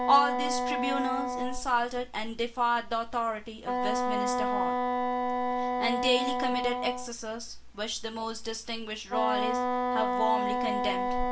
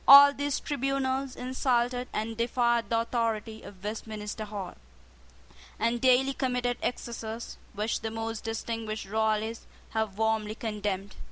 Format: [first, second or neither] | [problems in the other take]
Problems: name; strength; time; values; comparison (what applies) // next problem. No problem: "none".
second | background sound (Wind instrument, woodwind instrument); as loud as the speech // room echo; dies away in 0.3 s